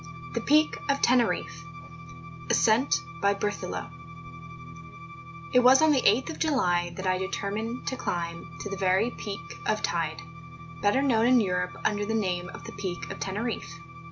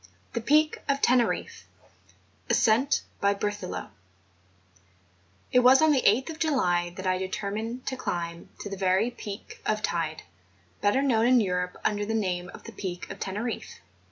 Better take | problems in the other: second | background sound (Bowed string instrument + Guitar); 12 dB below the speech

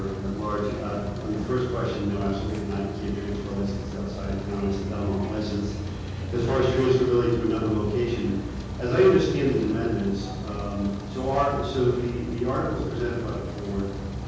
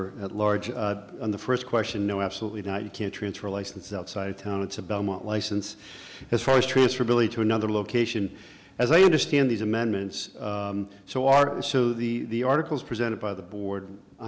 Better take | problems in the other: second | background sound (Rain); 7 dB below the speech // room echo; dies away in 1.3 s

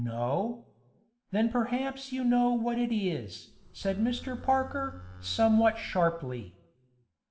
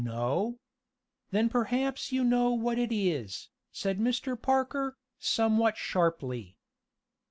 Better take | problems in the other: second | background sound (Livestock, farm animals, working animals); 16 dB below the speech // room echo; dies away in 0.7 s

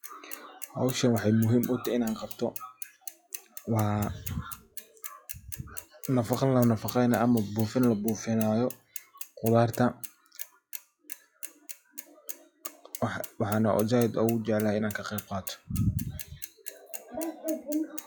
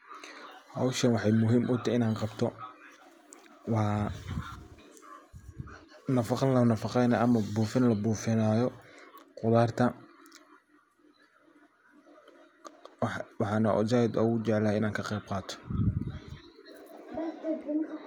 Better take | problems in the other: second | noise reduction (classical method log-MMSE)

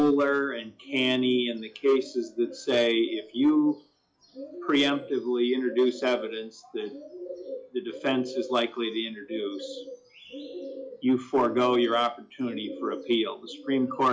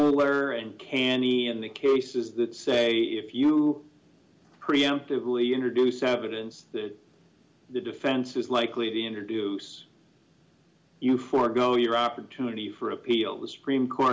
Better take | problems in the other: second | noise reduction (classical method log-MMSE)

